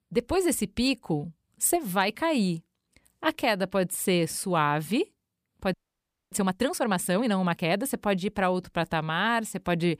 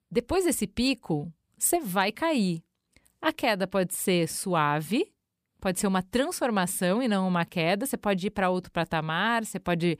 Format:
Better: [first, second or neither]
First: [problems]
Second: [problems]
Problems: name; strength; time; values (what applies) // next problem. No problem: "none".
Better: second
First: audio freezing; at 5.5 s for 0.5 s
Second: none